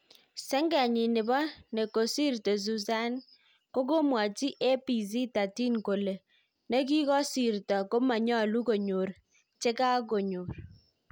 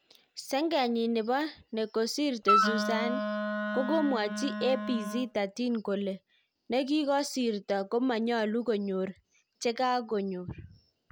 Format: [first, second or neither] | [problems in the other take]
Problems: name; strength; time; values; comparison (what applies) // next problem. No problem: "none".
first | background sound (Wind instrument, woodwind instrument); as loud as the speech